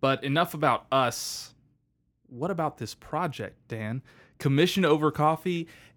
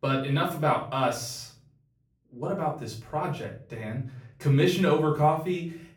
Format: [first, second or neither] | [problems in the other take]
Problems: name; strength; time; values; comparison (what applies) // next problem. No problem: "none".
first | room echo; slight; dies away in 0.4 s // off-mic speech; far